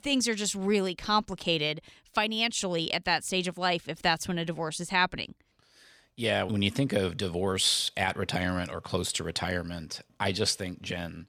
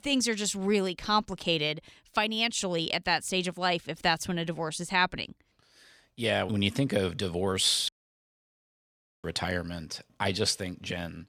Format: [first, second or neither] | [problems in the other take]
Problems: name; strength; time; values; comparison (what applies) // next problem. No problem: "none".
first | audio cutting out; at 8 s for 1.5 s